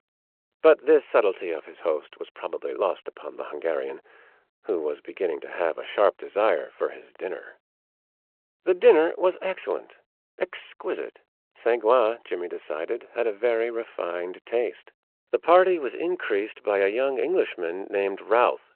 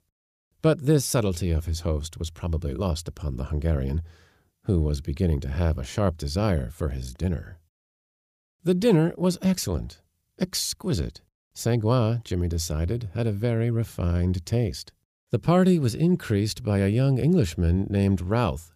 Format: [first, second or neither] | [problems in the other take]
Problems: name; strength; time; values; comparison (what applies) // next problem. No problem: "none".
second | phone-call audio